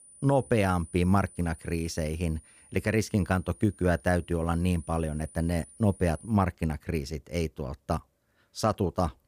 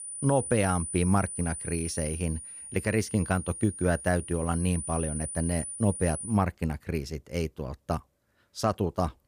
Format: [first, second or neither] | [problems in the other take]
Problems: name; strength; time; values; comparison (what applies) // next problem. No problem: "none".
first | high-pitched whine; loud; until 6.5 s; 9.5 kHz, 7 dB below the speech; faint in the first